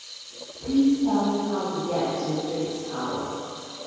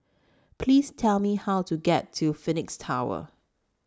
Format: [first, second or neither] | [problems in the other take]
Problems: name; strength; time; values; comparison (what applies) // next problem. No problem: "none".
second | background sound (Sink (filling or washing) / Water tap, faucet); 15 dB below the speech // room echo; dies away in 2.2 s